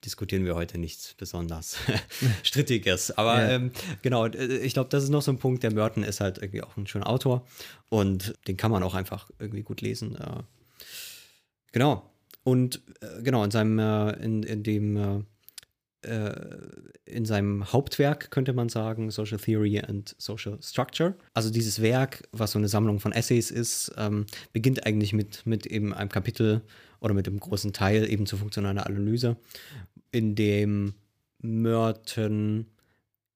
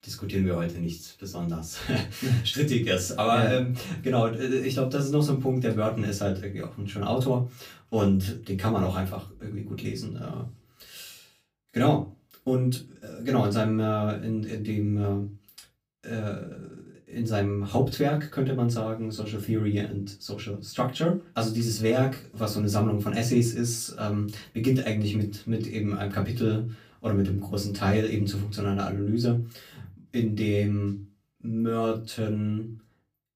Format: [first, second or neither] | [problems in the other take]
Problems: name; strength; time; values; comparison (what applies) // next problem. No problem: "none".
first | off-mic speech; far // room echo; very slight; dies away in 0.2 s